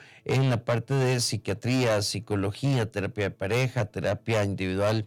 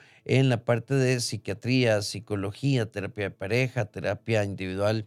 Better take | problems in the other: second | distortion; heavy; 8 dB below the speech

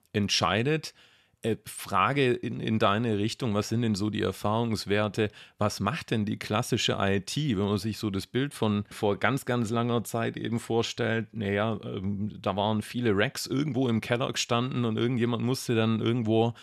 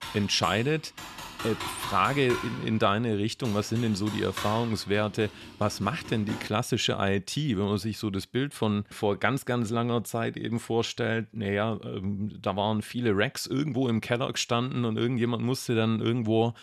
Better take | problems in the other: first | keyboard typing; noticeable; until 6.5 s; peak 5 dB below the speech

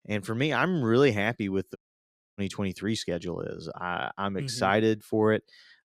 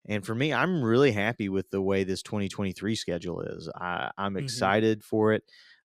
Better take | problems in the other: second | audio cutting out; at 2 s for 0.5 s

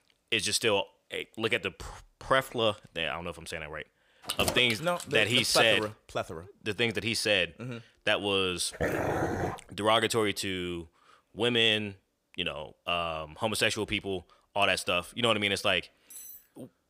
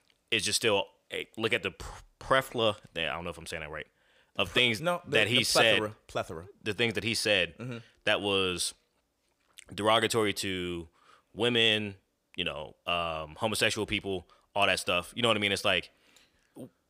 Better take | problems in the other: second | jangling keys; noticeable; from 4.5 to 6 s; peak 4 dB below the speech // dog barking; noticeable; at 8.5 s; peak 2 dB below the speech // clattering dishes; faint; at 16 s; peak 15 dB below the speech

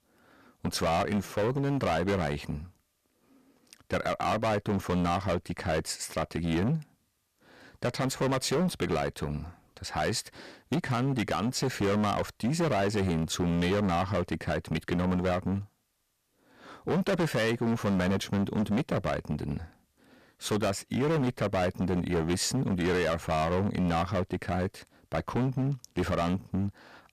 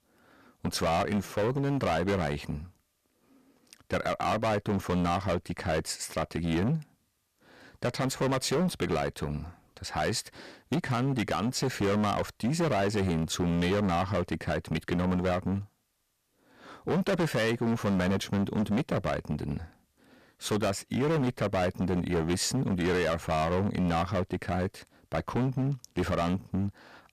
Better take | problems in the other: neither | distortion; heavy; 15% of the sound clipped; the same in both

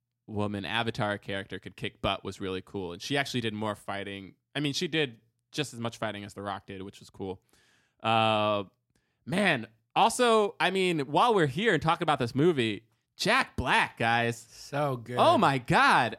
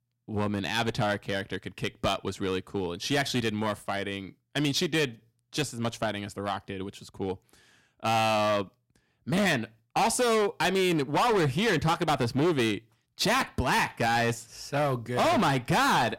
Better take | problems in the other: first | distortion; heavy; 12% of the sound clipped

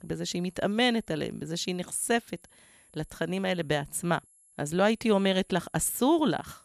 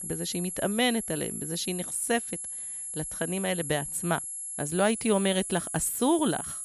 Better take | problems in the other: first | high-pitched whine; loud; throughout; 11 kHz, 5 dB below the speech; faint in the first

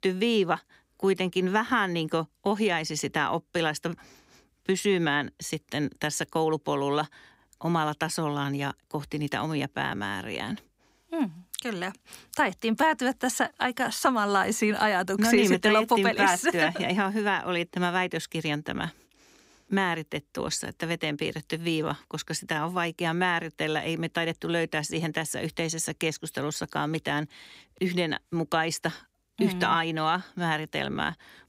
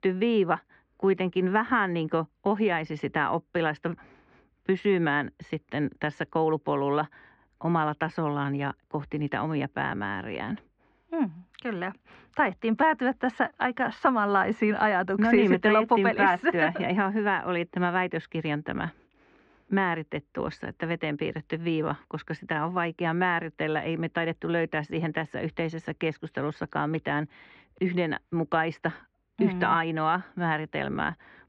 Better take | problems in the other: first | muffled; very; fading above 2.5 kHz

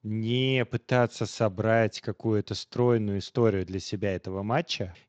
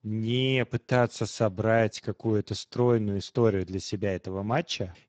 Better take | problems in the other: first | garbled, watery; badly; nothing above 7.5 kHz; slightly in the first

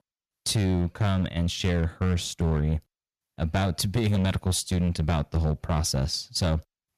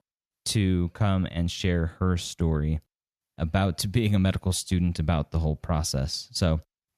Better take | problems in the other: second | distortion; slight; 12% of the sound clipped

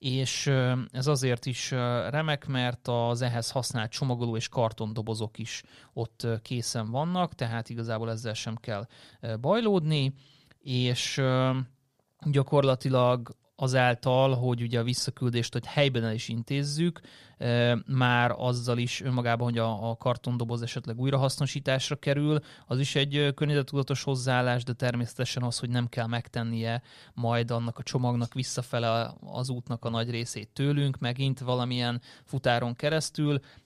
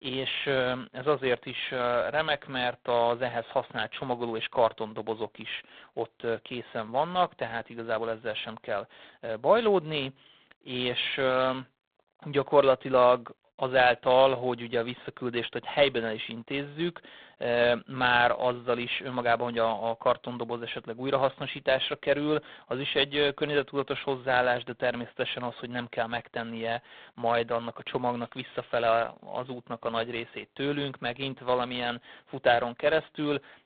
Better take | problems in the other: first | phone-call audio; poor line; nothing above 3.5 kHz

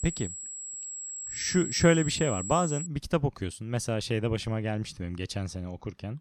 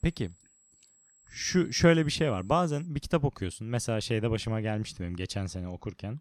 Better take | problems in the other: second | high-pitched whine; loud; until 3 s; 7.5 kHz, 6 dB below the speech; faint in the second

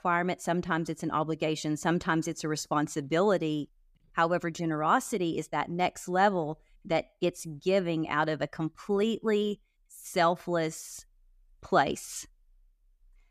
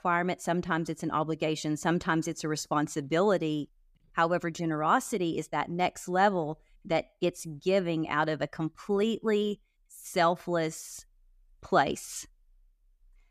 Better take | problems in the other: neither | none

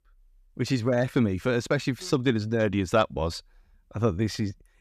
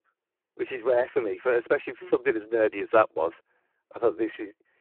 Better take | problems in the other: first | phone-call audio; poor line; nothing above 3.5 kHz

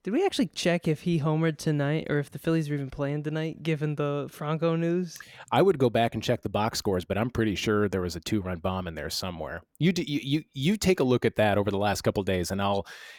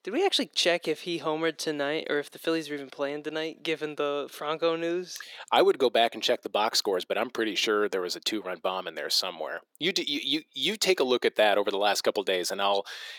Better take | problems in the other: first | thin; somewhat; fading below 350 Hz

